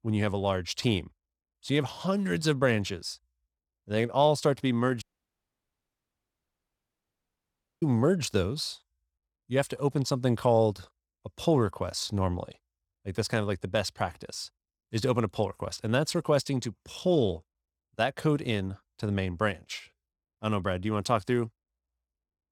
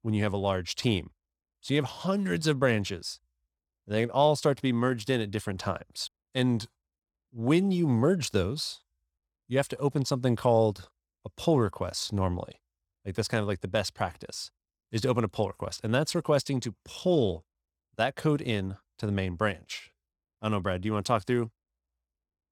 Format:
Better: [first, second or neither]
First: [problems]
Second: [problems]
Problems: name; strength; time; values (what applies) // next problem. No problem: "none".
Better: second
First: audio cutting out; at 5 s for 3 s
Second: none